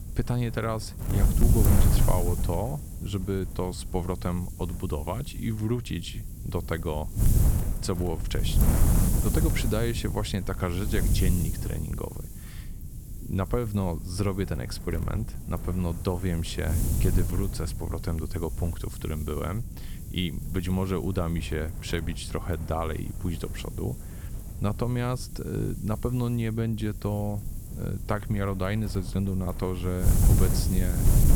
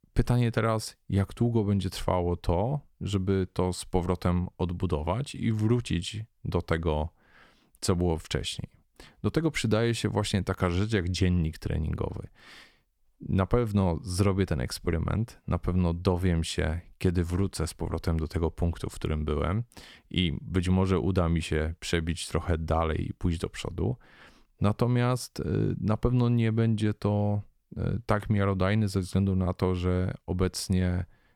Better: second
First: wind noise on the microphone; heavy; 7 dB below the speech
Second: none

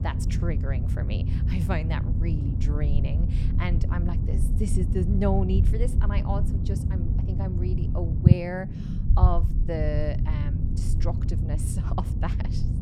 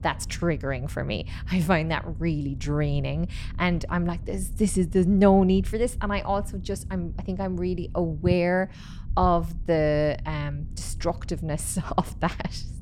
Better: second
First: low rumble; loud; throughout; 4 dB below the speech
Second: low rumble; faint; throughout; 25 dB below the speech

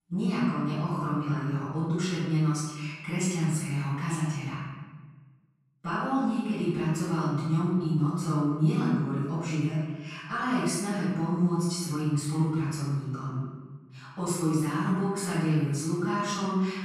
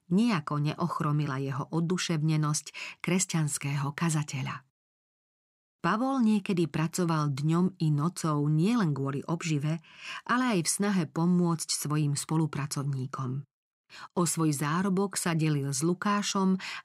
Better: second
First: off-mic speech; far // room echo; strong; dies away in 1.2 s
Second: none

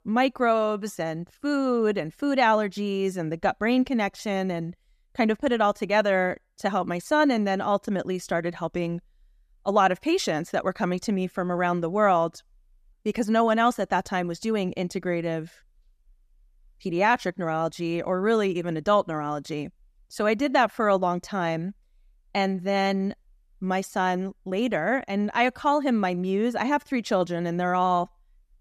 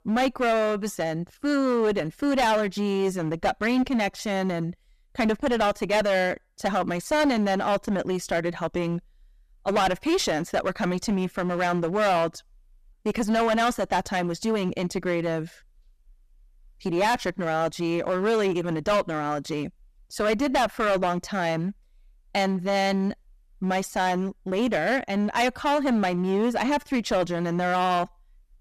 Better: first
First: none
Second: distortion; heavy; 13% of the sound clipped

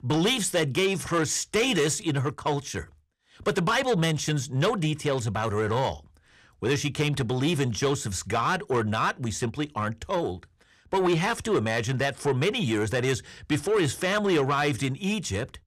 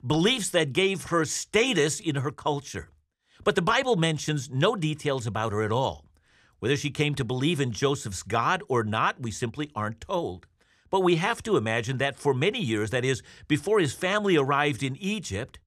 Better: second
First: distortion; slight; 10 dB below the speech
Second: none

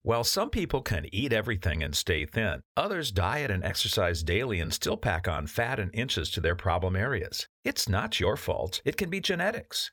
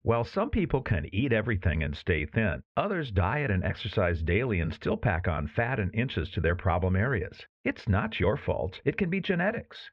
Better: first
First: none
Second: muffled; very; fading above 2.5 kHz

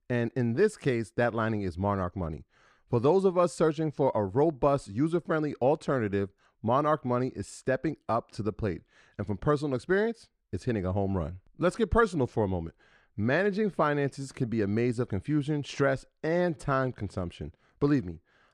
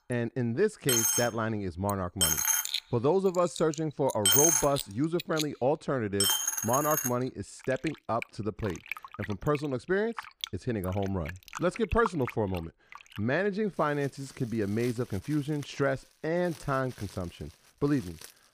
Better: first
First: none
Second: household noises; very loud; throughout; 2 dB above the speech

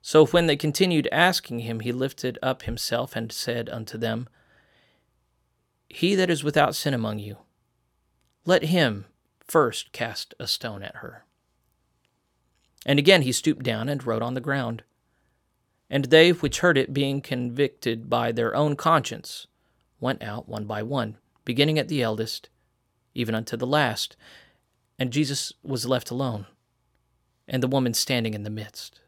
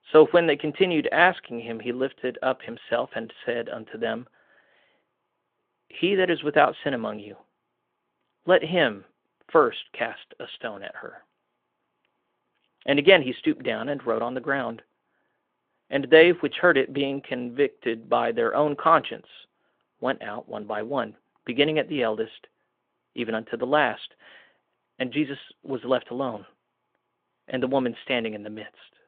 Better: first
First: none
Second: phone-call audio

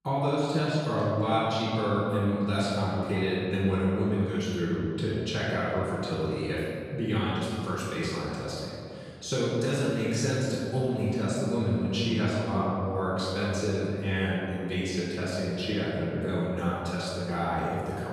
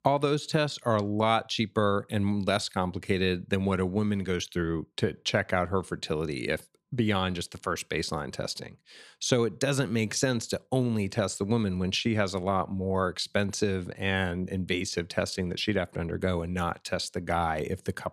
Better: second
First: off-mic speech; far // room echo; strong; dies away in 2.6 s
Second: none

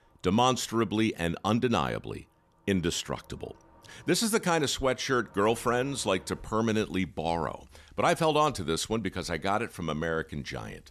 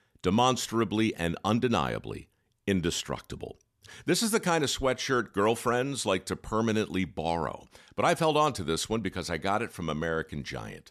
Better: second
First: traffic noise; faint; throughout; 30 dB below the speech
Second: none

